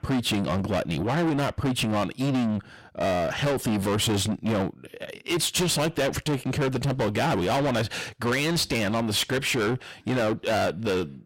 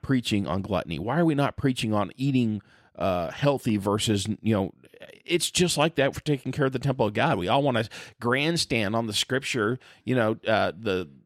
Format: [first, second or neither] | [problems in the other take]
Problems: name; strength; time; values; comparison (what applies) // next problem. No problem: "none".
second | distortion; heavy; 6 dB below the speech